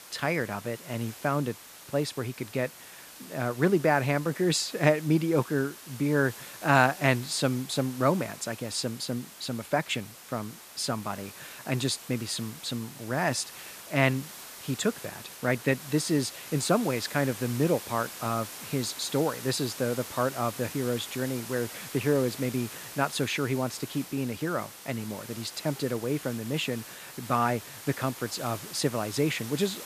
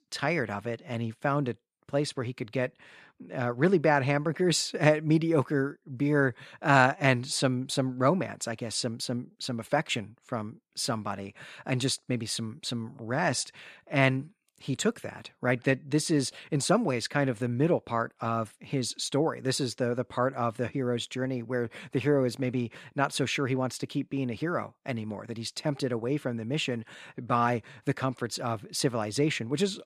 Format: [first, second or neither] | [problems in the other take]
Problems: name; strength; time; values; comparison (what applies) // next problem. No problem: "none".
second | hiss; noticeable; throughout; 15 dB below the speech